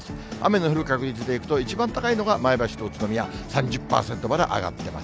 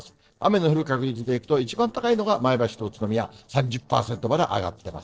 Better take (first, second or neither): first